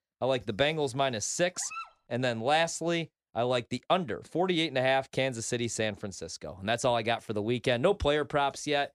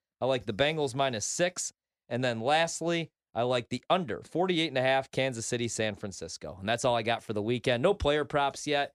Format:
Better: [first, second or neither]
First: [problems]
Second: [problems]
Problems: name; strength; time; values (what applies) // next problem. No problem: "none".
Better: second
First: dog barking; faint; at 1.5 s; peak 10 dB below the speech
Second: none